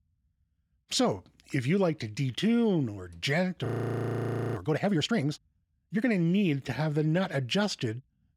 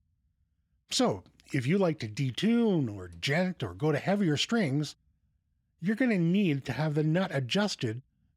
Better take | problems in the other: second | audio freezing; at 3.5 s for 1 s

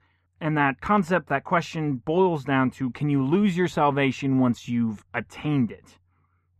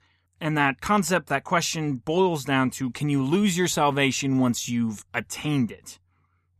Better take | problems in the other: second | muffled; very; fading above 3.5 kHz

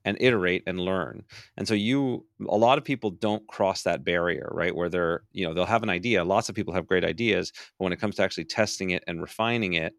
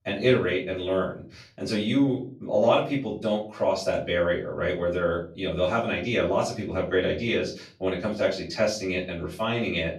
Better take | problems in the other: first | off-mic speech; far // room echo; slight; dies away in 0.3 s

